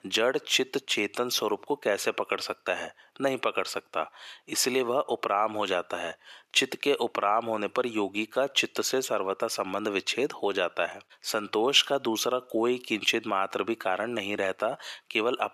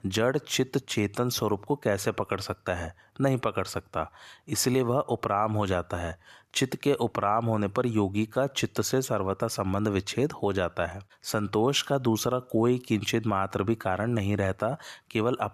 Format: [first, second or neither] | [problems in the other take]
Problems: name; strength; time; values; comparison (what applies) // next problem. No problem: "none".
second | thin; somewhat; fading below 400 Hz